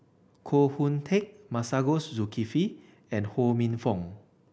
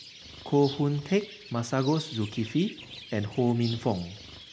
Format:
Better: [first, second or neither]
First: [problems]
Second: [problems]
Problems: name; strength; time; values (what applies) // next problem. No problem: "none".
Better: first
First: none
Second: background sound (Bird); 16 dB below the speech